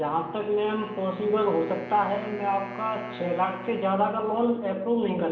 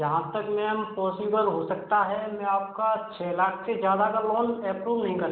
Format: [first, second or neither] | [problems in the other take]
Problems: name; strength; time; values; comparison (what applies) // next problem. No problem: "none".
second | background sound (Wind instrument, woodwind instrument); 14 dB below the speech // room echo; dies away in 1.9 s